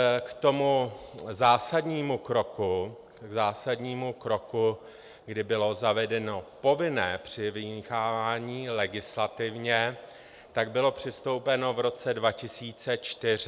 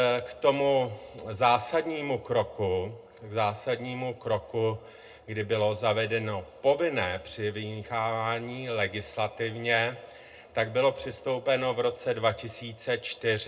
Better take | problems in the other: first | room echo; dies away in 0.2 s

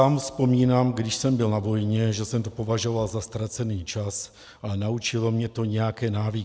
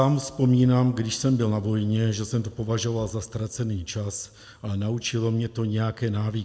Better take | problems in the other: first | room echo; dies away in 1 s

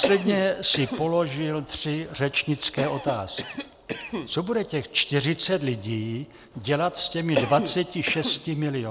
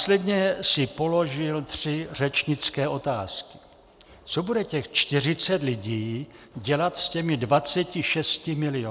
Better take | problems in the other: second | background sound (Cough); 9 dB below the speech

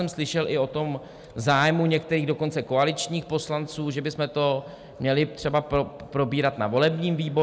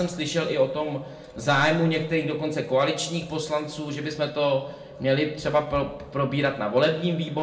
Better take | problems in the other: first | room echo; dies away in 0.6 s

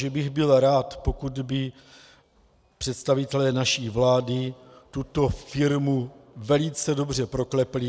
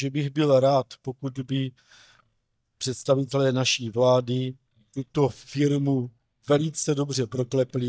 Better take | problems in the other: first | noise reduction (neural mask model DeepFilterNet 3)

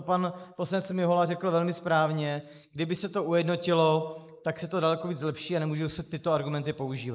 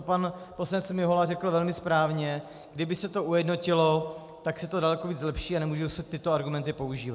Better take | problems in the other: second | noise reduction (neural mask model Resemble Enhance denoiser)

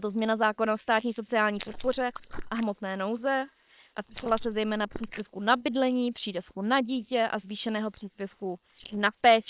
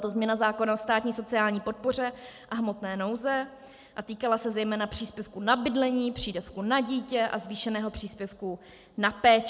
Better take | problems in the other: second | noise reduction (neural separator model SepFormer WHAM!)

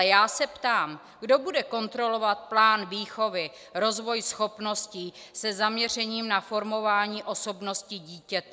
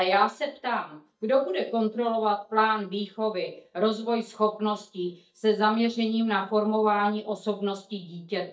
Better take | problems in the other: first | noise reduction (neural mask model DeepFilterNet 3)

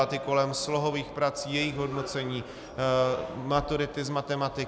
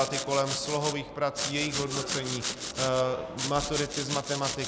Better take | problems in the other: first | background sound (Domestic sounds, home sounds); 5 dB below the speech

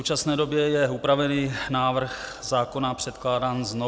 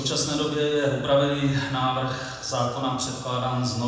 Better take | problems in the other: first | room echo; dies away in 1 s

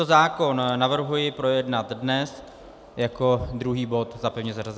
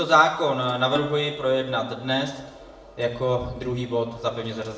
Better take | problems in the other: first | background sound (Plucked string instrument); 15 dB below the speech // room echo; dies away in 0.7 s

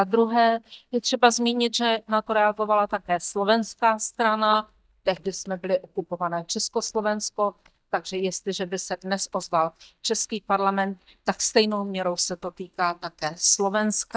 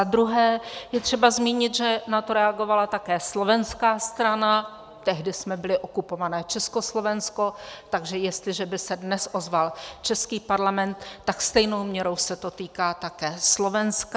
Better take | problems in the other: second | noise reduction (neural mask model DeepFilterNet 3)

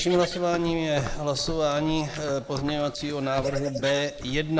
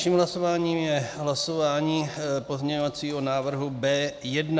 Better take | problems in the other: second | noise reduction (neural mask model Resemble Enhance denoiser)

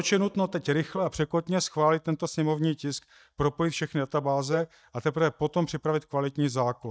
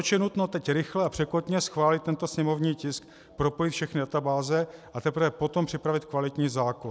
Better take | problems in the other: second | noise reduction (neural mask model DeepFilterNet 3)

